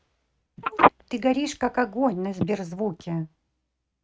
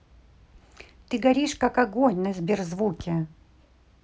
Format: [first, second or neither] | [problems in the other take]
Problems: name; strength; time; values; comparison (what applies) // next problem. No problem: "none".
second | noise reduction (neural mask model RNNoise)